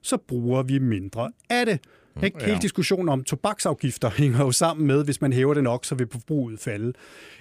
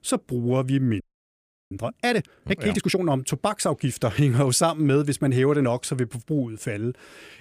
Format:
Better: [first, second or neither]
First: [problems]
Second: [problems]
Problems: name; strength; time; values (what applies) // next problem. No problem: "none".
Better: first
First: none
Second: audio freezing; at 1 s for 0.5 s